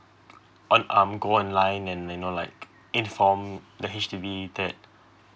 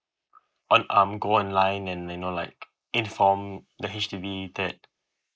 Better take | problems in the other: first | noise reduction (neural mask model Resemble Enhance denoiser)

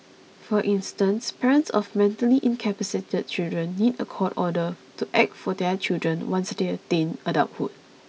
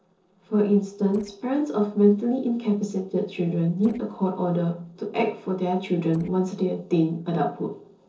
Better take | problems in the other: first | noise reduction (neural separator model SepFormer DNS4)

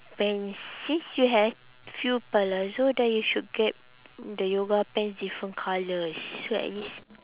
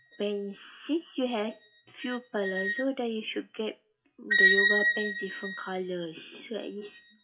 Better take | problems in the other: first | noise reduction (classical method WPE with log-MMSE)

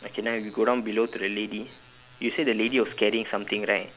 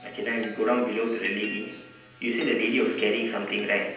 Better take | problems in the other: first | background sound (Chime); 17 dB below the speech // room echo; dies away in 0.9 s

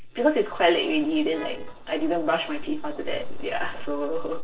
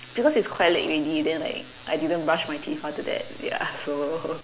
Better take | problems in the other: second | noise reduction (neural separator model SepFormer DNS4)

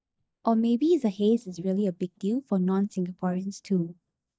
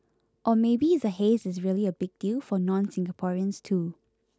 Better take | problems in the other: second | noise reduction (neural mask model DeepFilterNet 3)

